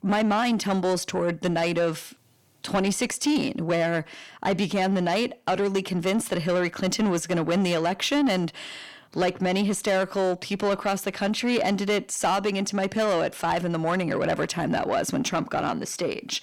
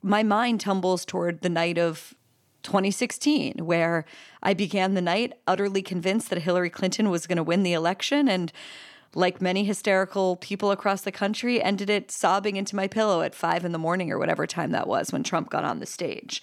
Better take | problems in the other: second | distortion; slight; 10 dB below the speech

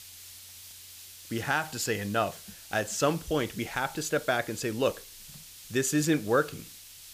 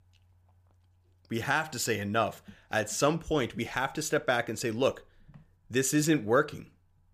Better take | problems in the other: second | hiss; noticeable; throughout; 15 dB below the speech

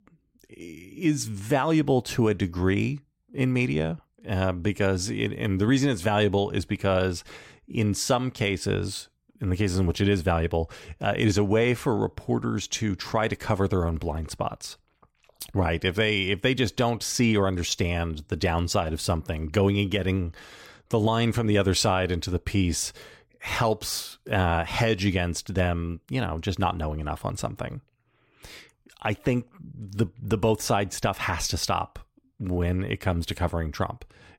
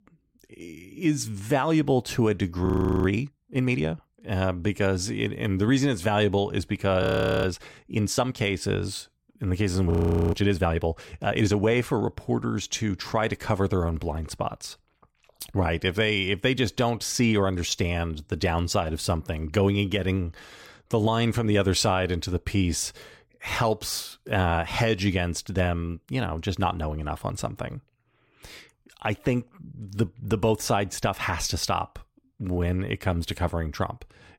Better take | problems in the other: first | audio freezing; at 2.5 s, at 7 s and at 10 s

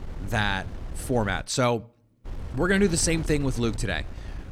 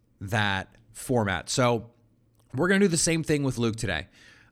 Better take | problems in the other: second | wind noise on the microphone; occasional gusts; until 1.5 s and from 2.5 s on; 20 dB below the speech

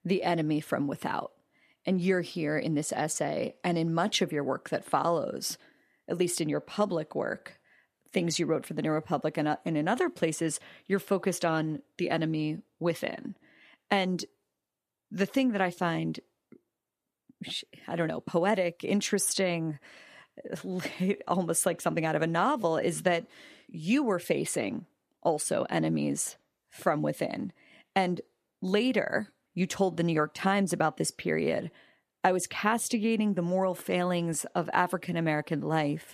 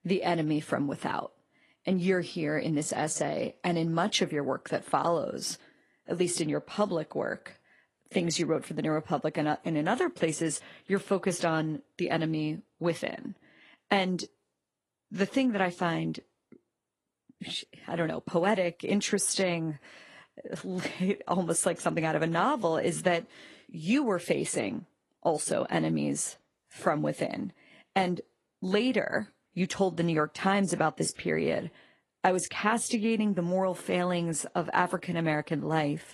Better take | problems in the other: first | garbled, watery; slightly; nothing above 11 kHz

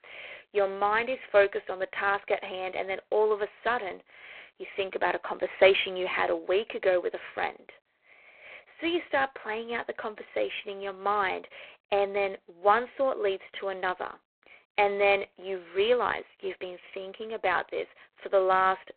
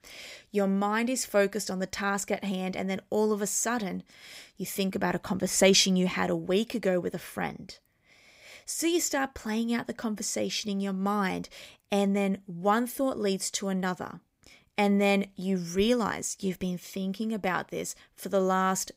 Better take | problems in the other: second | phone-call audio; poor line

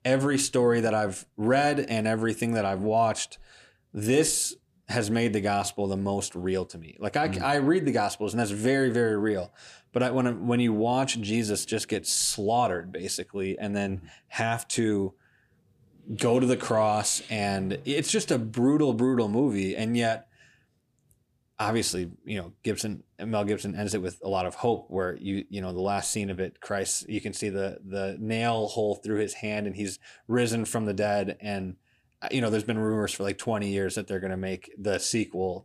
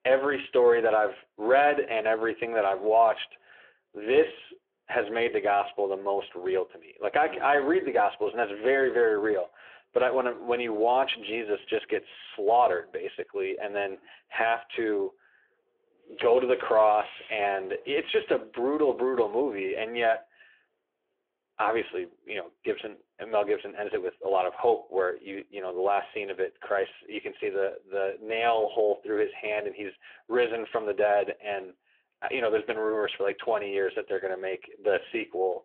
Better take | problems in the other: first | phone-call audio

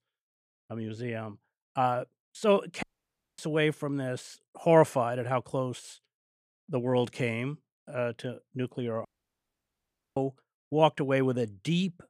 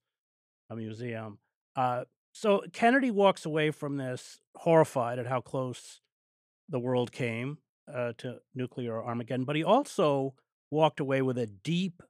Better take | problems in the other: second | audio cutting out; at 3 s for 0.5 s and at 9 s for 1 s

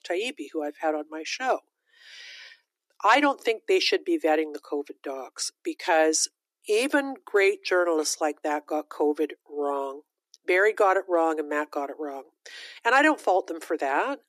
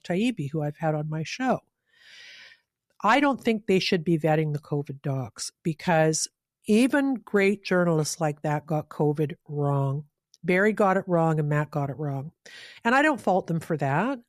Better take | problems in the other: second | thin; somewhat; fading below 300 Hz

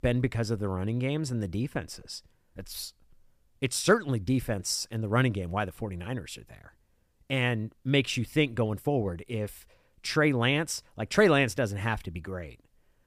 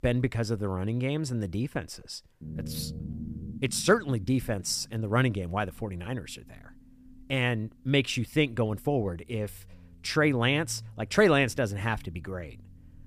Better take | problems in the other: first | low rumble; faint; from 2.5 s on; 25 dB below the speech

